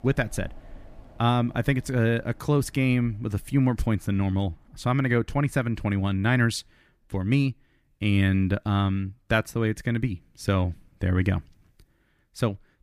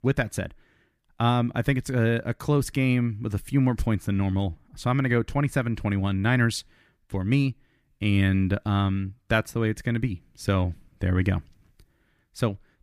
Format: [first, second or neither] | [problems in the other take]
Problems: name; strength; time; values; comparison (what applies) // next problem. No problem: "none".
second | wind in the background; faint; throughout; 25 dB below the speech